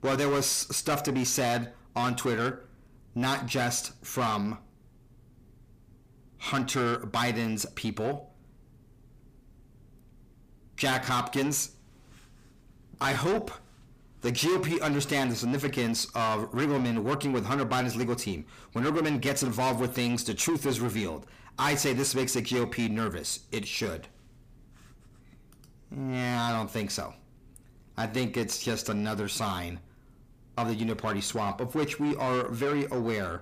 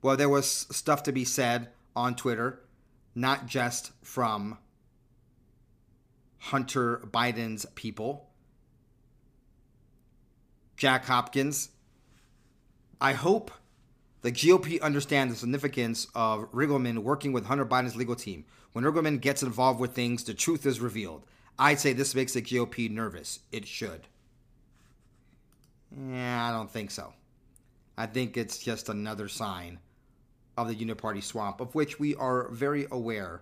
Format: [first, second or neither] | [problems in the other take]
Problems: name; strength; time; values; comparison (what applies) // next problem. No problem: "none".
second | distortion; heavy; 6 dB below the speech